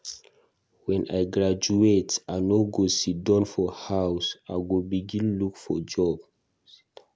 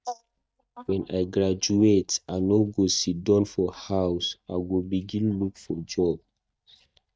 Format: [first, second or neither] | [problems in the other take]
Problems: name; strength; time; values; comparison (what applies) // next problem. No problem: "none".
first | noise reduction (neural mask model DeepFilterNet 3)